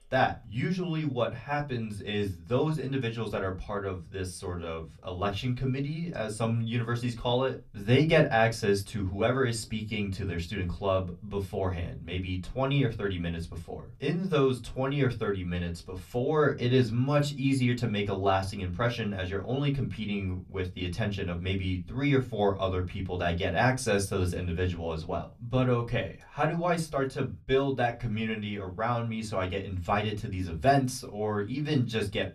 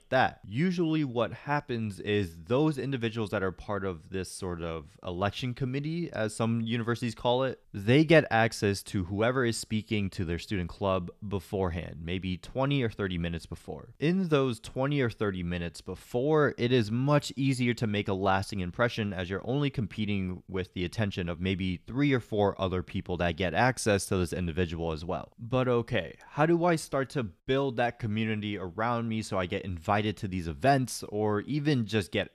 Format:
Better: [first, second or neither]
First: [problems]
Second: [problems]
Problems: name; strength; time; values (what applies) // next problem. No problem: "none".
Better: second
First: off-mic speech; somewhat distant // room echo; very slight; dies away in 0.2 s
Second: none